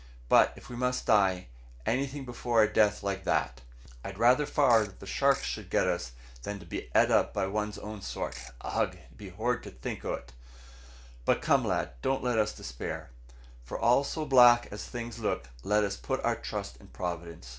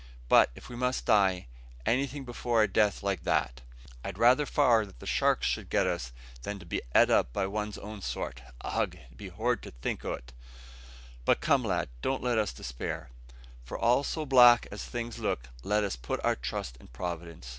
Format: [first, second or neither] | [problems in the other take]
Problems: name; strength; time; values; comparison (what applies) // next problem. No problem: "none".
second | background sound (Ratchet, pawl / Percussion); 16 dB below the speech // room echo; dies away in 0.3 s